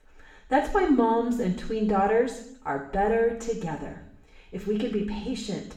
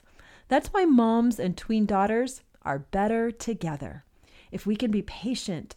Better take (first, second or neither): second